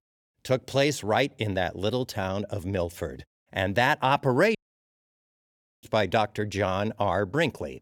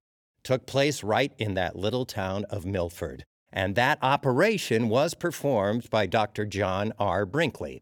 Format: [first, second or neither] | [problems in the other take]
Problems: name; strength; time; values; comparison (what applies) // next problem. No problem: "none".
second | audio cutting out; at 4.5 s for 1.5 s